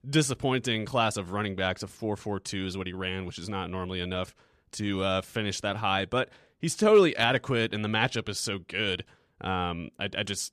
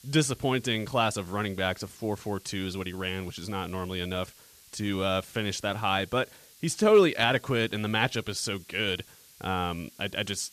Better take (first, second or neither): first